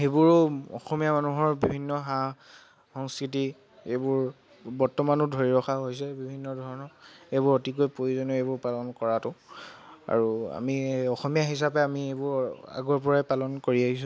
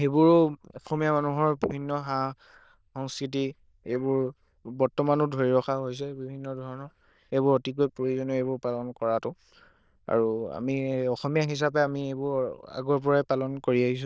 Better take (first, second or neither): first